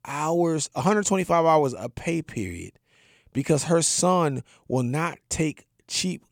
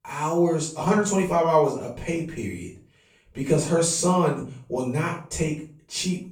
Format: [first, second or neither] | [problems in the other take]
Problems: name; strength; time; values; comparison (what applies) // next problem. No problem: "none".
first | room echo; slight; dies away in 0.4 s // off-mic speech; far